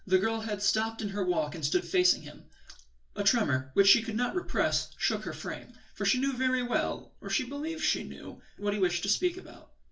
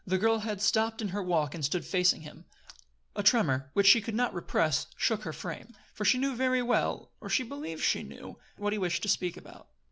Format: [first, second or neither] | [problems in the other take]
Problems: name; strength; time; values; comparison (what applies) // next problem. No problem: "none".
second | room echo; dies away in 0.2 s